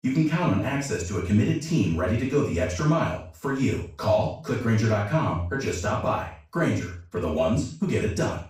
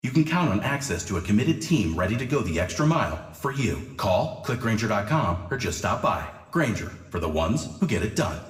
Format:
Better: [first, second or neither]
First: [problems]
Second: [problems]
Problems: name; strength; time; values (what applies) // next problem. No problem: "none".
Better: second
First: room echo; strong; dies away in 0.4 s // off-mic speech; far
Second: room echo; slight; dies away in 0.9 s // off-mic speech; somewhat distant